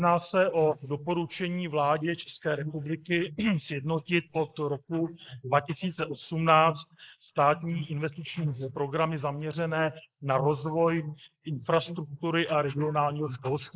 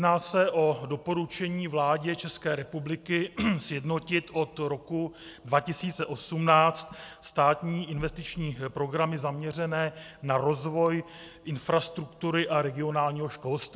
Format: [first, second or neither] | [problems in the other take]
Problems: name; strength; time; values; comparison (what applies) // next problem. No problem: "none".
second | noise reduction (neural mask model Resemble Enhance denoiser)